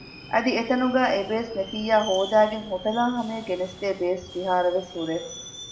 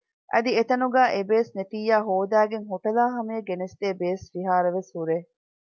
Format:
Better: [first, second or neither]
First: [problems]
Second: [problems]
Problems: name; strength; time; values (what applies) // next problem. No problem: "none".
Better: second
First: background sound (Subway, metro, underground); 16 dB below the speech // room echo; dies away in 0.6 s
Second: none